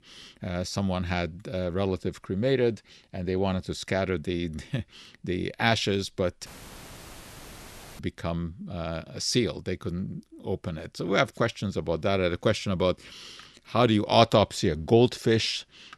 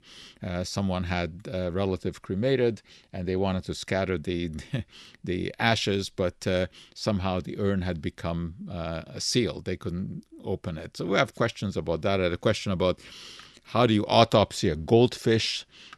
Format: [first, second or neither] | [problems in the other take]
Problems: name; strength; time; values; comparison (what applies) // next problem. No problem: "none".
second | audio cutting out; filled with static; at 6.5 s for 1.5 s